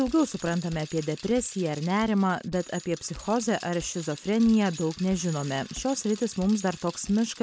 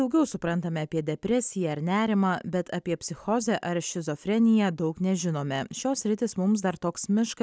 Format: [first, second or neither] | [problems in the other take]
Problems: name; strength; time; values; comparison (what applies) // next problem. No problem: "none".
second | background sound (Bicycle); 18 dB below the speech